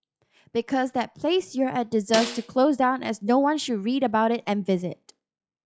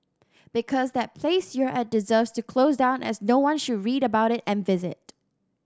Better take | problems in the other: second | noise reduction (classical method log-MMSE)

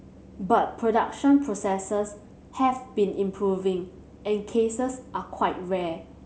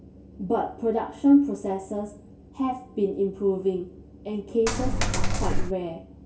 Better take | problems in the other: first | background sound (Coin (dropping)); 4 dB above the speech // room echo; dies away in 0.2 s

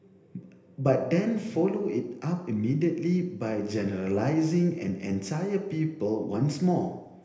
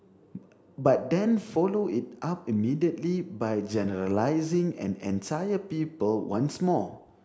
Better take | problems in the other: second | room echo; dies away in 1.4 s

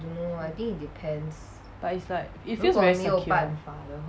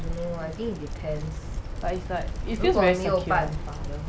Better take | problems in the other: first | background sound (Bicycle); 5 dB below the speech

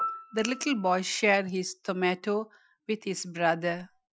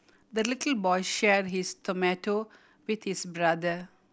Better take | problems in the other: second | noise reduction (classical method Wiener filter)

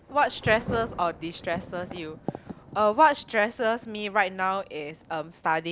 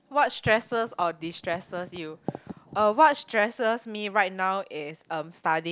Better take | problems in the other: second | background sound (Thunder / Rain); 16 dB below the speech

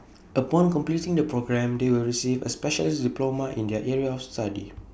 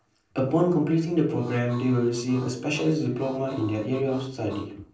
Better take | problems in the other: first | noise reduction (neural separator model SepFormer DNS4)

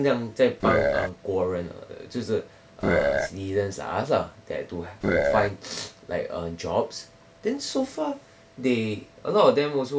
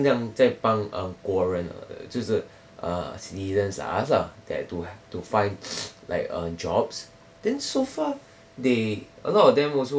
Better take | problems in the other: second | background sound (Burping, eructation); 4 dB above the speech

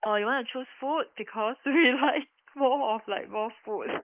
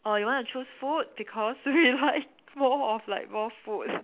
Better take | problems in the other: second | noise reduction (neural mask model Resemble Enhance denoiser)

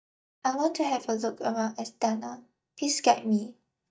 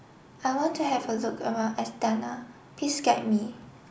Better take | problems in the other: second | noise reduction (neural mask model DeepFilterNet 3)

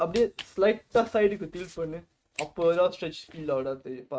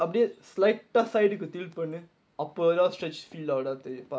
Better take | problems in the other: second | noise reduction (neural mask model RNNoise)

